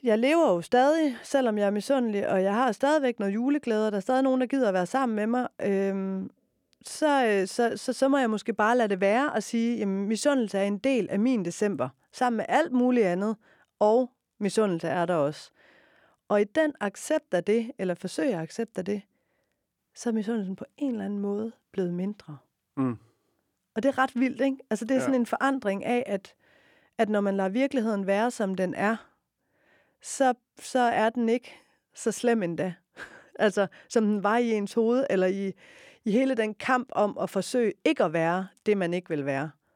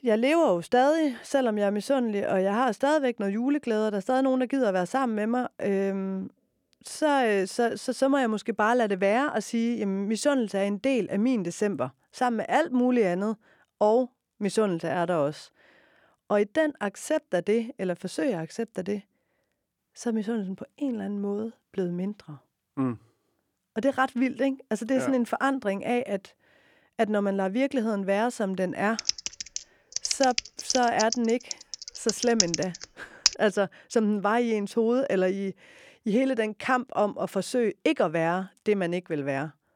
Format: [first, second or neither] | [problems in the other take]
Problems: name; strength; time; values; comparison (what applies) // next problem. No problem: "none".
first | keyboard typing; loud; from 29 to 33 s; peak 2 dB above the speech